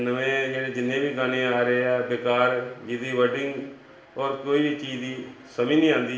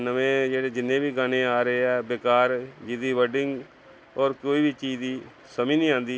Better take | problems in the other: second | room echo; dies away in 0.7 s

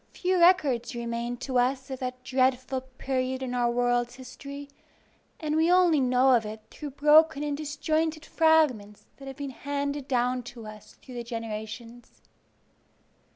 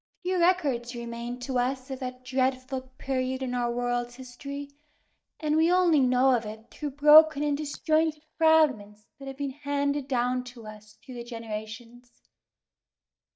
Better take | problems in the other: first | noise reduction (neural mask model DeepFilterNet 3)

